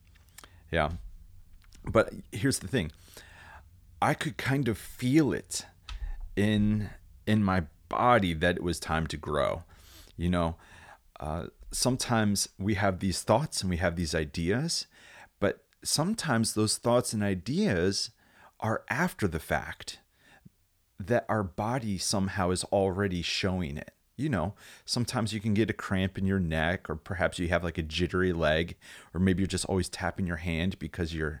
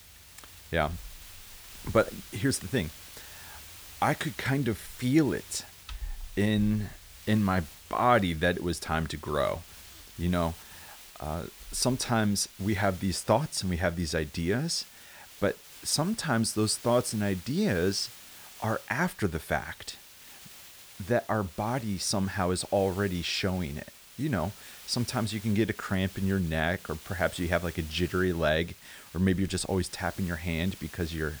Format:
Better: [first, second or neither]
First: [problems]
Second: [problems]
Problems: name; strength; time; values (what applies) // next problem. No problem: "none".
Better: first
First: none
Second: hiss; noticeable; throughout; 15 dB below the speech